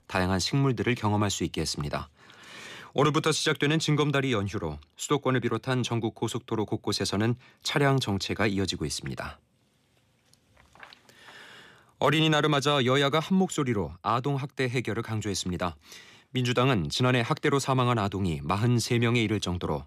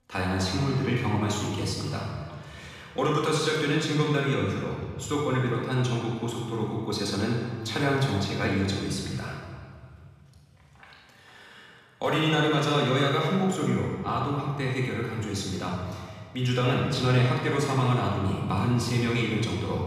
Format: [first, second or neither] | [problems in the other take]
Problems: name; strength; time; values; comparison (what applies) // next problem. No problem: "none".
first | off-mic speech; far // room echo; strong; dies away in 1.7 s